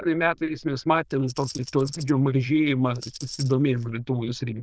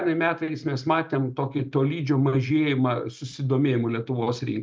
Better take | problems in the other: second | noise reduction (neural diffusion model UNIVERSE++)

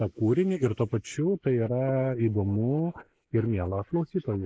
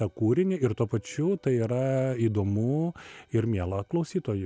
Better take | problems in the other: second | noise reduction (neural mask model Resemble Enhance denoiser)

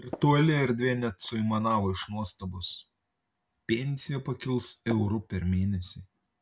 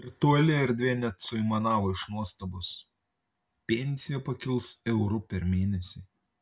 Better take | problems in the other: second | background sound (Tap); 12 dB below the speech

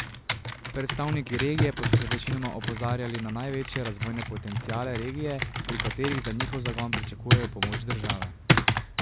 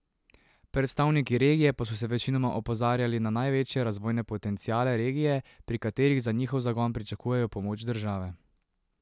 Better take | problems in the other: second | background sound (Computer keyboard); 3 dB above the speech

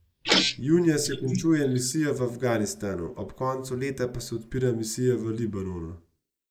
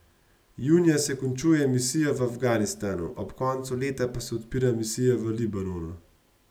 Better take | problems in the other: second | noise reduction (neural mask model Resemble Enhance denoiser)

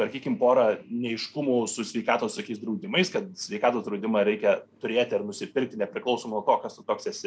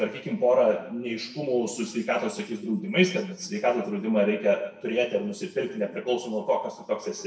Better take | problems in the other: first | room echo; dies away in 0.8 s

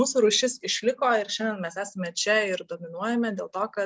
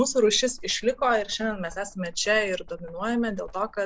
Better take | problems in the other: first | background sound (Knock); 17 dB below the speech

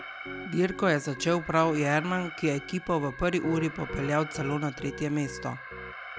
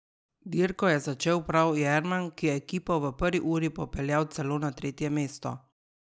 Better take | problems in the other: second | background sound (Piano + Alarm); 11 dB below the speech

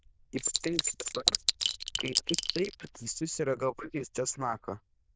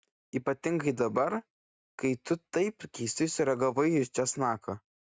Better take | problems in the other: second | noise reduction (neural diffusion model UNIVERSE++)

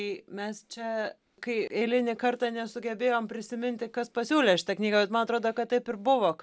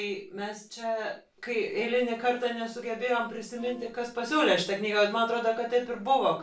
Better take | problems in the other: first | noise reduction (neural separator model SepFormer DNS4)

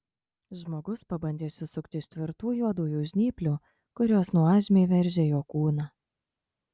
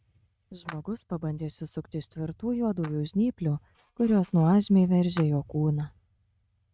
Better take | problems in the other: first | noise reduction (neural mask model RNNoise)

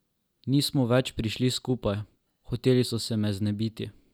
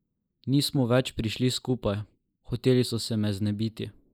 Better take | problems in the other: first | noise reduction (neural mask model Resemble Enhance denoiser)

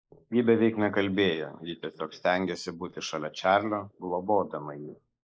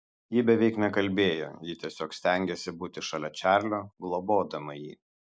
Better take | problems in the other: second | noise reduction (neural mask model Resemble Enhance denoiser)

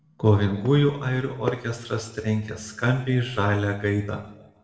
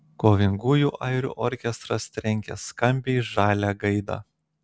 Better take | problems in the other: second | background sound (Fireworks); 18 dB below the speech // room echo; dies away in 0.9 s

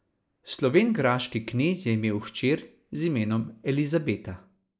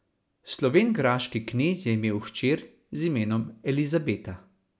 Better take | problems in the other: second | noise reduction (neural mask model Resemble Enhance denoiser)

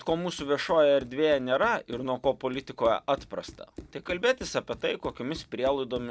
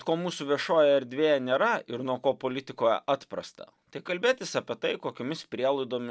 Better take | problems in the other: second | background sound (Run); 20 dB below the speech

